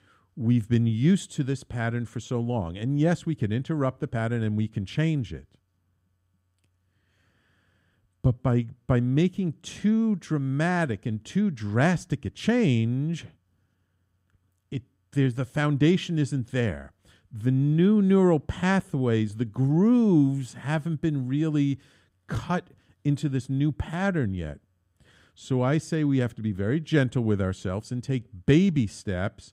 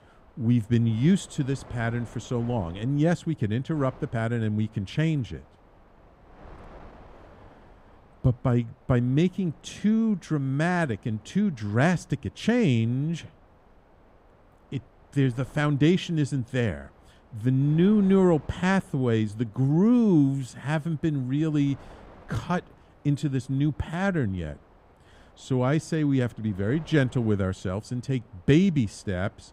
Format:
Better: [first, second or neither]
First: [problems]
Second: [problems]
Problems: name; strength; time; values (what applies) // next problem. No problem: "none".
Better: first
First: none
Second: wind noise on the microphone; occasional gusts; 25 dB below the speech